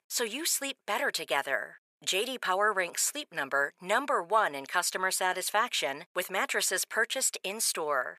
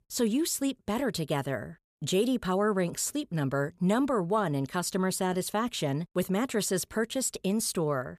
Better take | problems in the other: second | thin; very; fading below 750 Hz

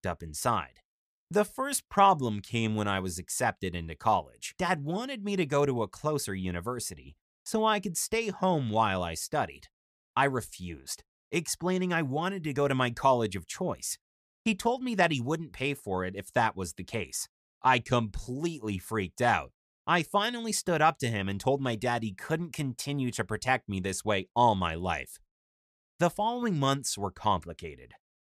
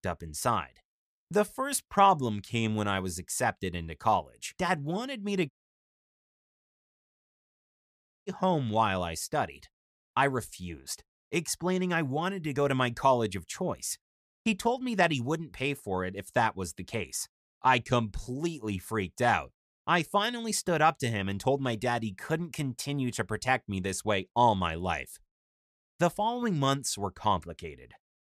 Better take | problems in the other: first | audio cutting out; at 5.5 s for 3 s

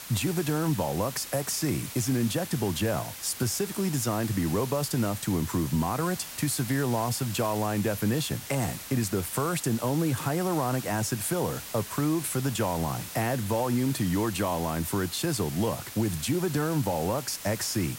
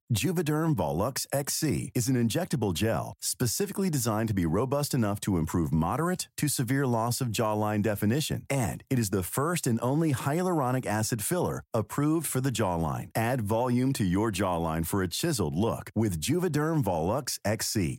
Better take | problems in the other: second | hiss; loud; throughout; 10 dB below the speech

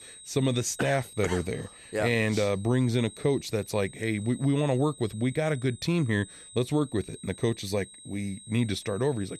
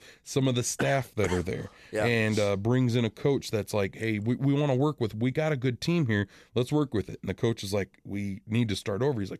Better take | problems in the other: second | high-pitched whine; noticeable; throughout; 8.5 kHz, 20 dB below the speech

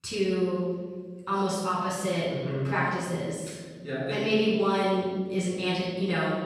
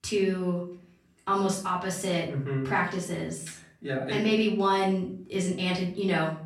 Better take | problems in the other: second | room echo; strong; dies away in 1.6 s; slight in the second // off-mic speech; far; far in the second

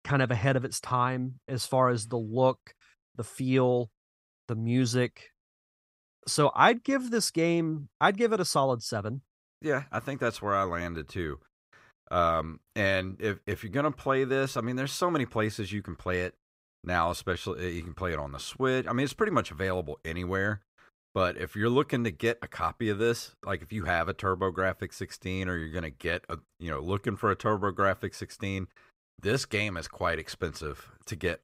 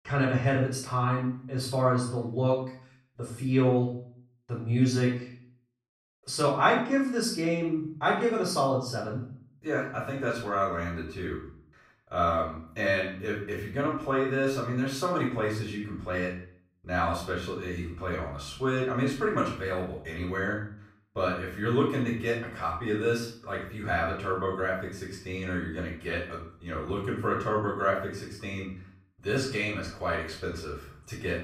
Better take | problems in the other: first | off-mic speech; far // room echo; noticeable; dies away in 0.5 s

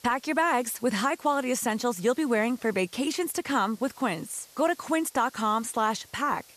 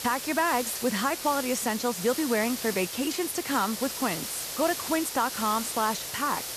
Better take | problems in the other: first | hiss; loud; throughout; 5 dB below the speech; faint in the first

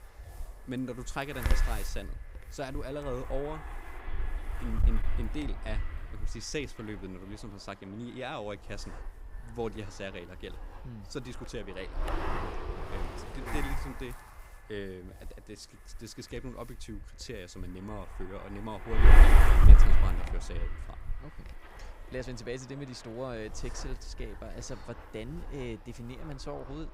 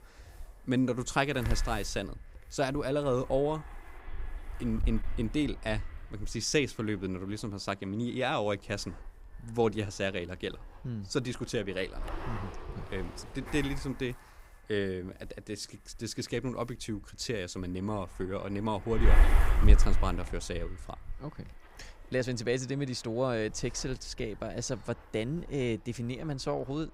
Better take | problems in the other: second | wind noise on the microphone; heavy; 3 dB above the speech; occasional gusts in the second

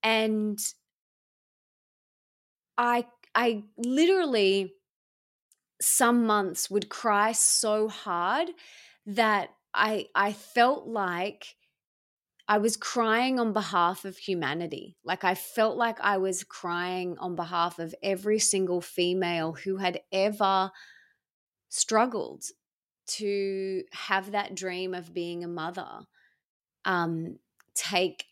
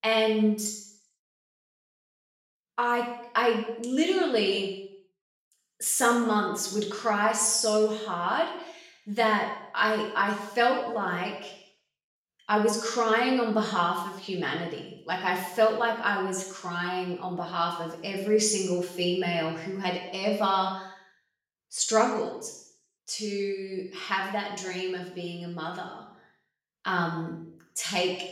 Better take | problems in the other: first | room echo; noticeable; dies away in 0.7 s // off-mic speech; far

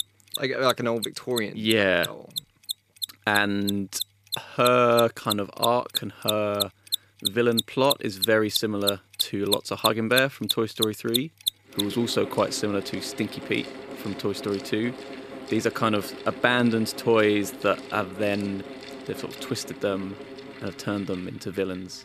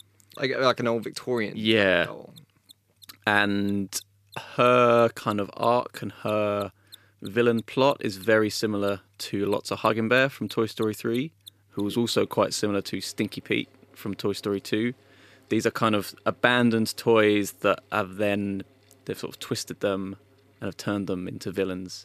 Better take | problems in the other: second | machinery noise; loud; throughout; 6 dB below the speech; faint in the second

